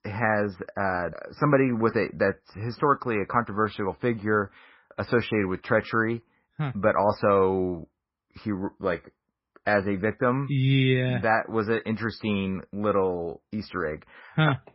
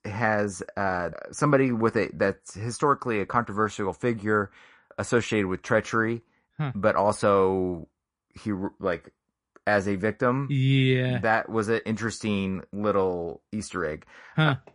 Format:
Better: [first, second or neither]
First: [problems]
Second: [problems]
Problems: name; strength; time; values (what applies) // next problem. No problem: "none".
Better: second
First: garbled, watery; badly; nothing above 5.5 kHz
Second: garbled, watery; slightly; nothing above 10.5 kHz